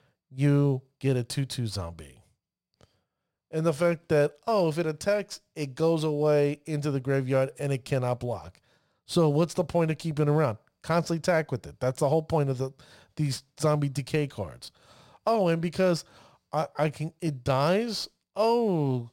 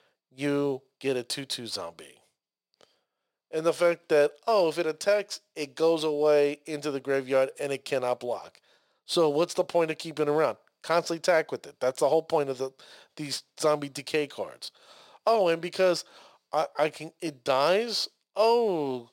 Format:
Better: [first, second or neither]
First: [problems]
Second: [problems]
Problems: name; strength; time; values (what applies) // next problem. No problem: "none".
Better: first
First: none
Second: thin; somewhat; fading below 400 Hz